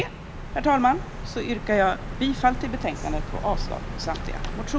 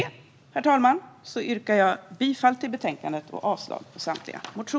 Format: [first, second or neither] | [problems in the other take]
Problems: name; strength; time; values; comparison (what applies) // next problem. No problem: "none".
second | background sound (Bird vocalization, bird call, bird song); 5 dB below the speech